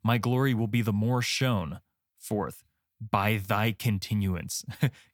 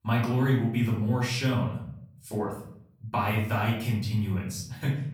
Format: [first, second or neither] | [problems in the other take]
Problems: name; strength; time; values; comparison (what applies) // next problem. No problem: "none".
first | off-mic speech; far // room echo; noticeable; dies away in 0.6 s